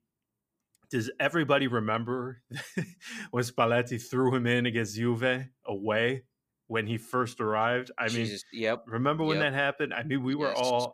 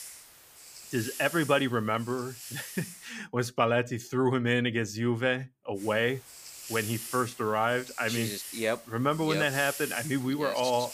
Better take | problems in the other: first | hiss; noticeable; until 3 s and from 6 s on; 10 dB below the speech

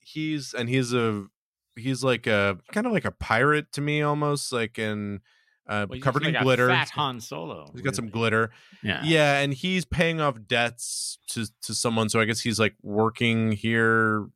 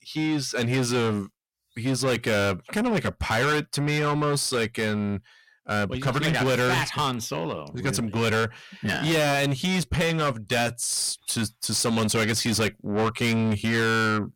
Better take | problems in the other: first | distortion; heavy; 6 dB below the speech

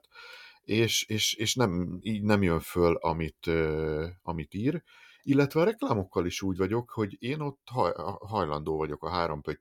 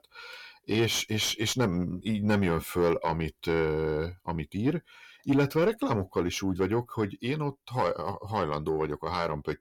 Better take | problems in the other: first | distortion; slight; 10 dB below the speech

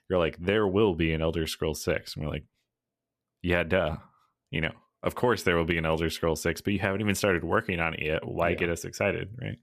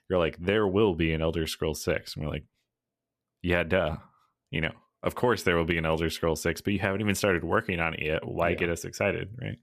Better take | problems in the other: neither | none

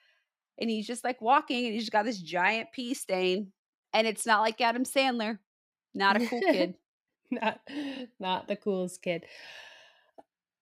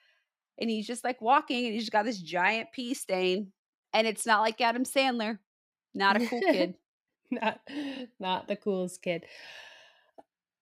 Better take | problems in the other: neither | none

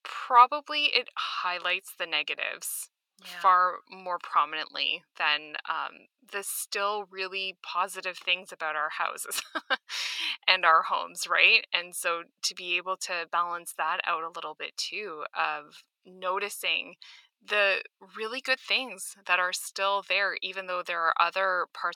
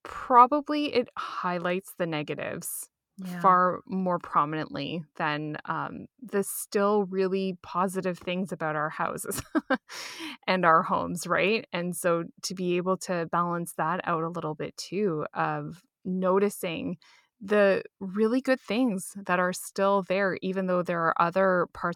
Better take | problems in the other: second | thin; very; fading below 800 Hz

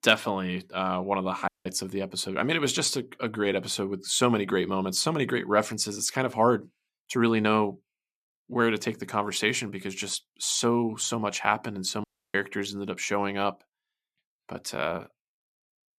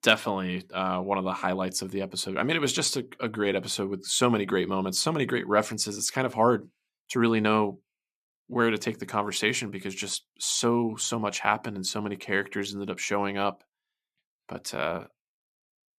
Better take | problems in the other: second | audio cutting out; at 1.5 s and at 12 s

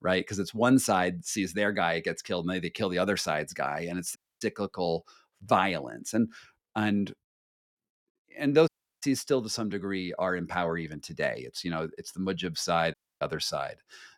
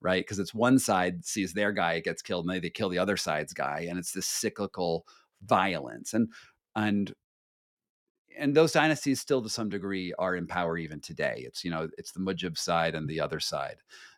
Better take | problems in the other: second | audio cutting out; at 4 s, at 8.5 s and at 13 s

